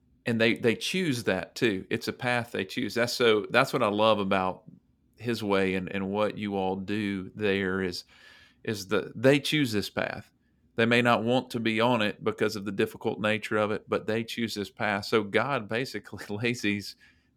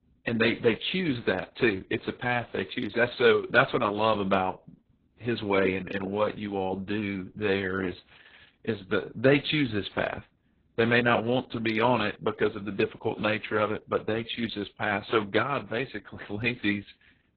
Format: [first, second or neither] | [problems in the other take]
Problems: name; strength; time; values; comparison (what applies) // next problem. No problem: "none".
first | garbled, watery; badly; nothing above 4 kHz